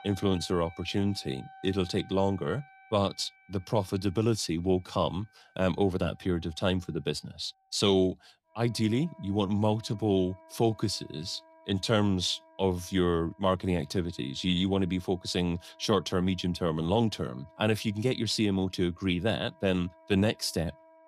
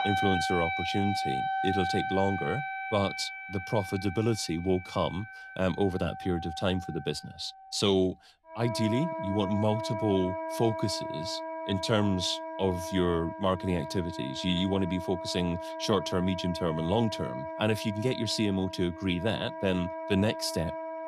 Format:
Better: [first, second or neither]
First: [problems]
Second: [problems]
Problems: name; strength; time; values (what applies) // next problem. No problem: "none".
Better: first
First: background music; faint; throughout; 25 dB below the speech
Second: background music; loud; throughout; 6 dB below the speech